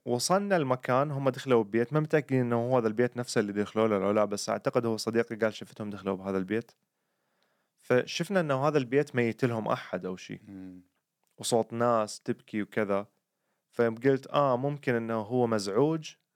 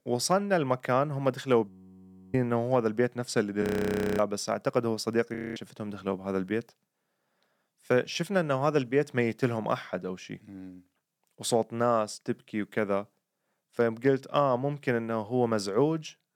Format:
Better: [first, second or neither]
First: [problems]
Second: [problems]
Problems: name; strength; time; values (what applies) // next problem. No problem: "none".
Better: first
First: none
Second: audio freezing; at 1.5 s for 0.5 s, at 3.5 s for 0.5 s and at 5.5 s